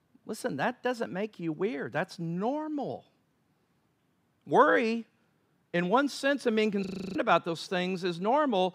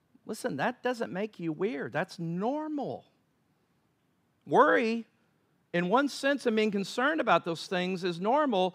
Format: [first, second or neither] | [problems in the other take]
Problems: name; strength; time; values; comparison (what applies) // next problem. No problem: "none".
second | audio freezing; at 7 s